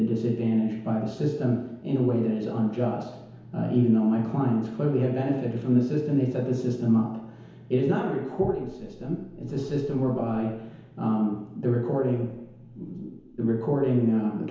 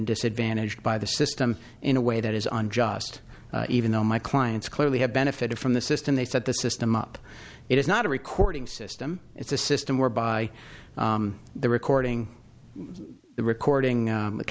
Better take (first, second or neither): second